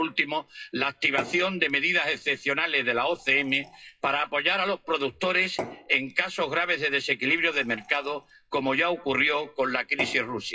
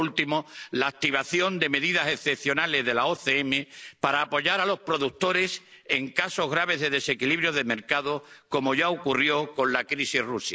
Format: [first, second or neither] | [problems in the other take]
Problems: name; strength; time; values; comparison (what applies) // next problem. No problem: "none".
second | noise reduction (classical method WPE with log-MMSE)